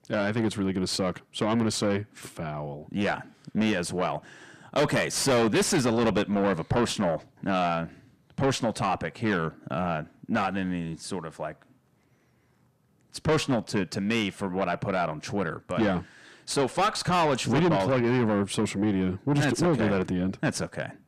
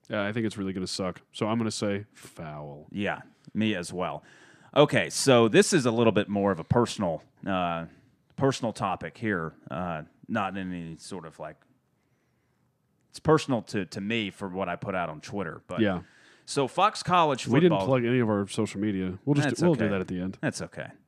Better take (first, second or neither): second